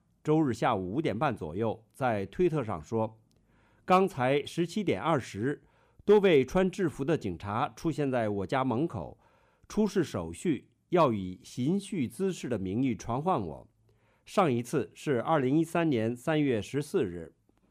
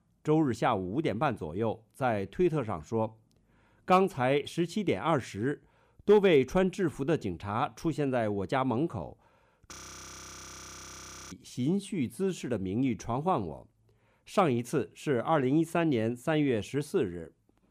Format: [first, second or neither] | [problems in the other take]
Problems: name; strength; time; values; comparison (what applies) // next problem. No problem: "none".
first | audio freezing; at 9.5 s for 1.5 s